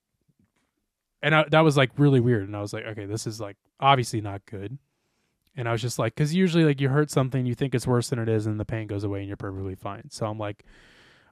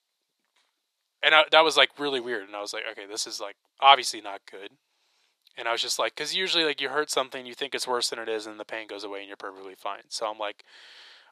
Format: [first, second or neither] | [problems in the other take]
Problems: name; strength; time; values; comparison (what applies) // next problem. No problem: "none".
first | thin; very; fading below 500 Hz